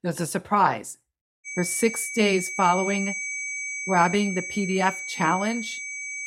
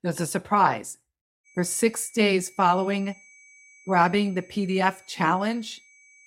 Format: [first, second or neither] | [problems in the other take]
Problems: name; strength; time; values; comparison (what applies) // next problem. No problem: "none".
second | high-pitched whine; loud; from 1.5 s on; 2.5 kHz, 6 dB below the speech; faint in the second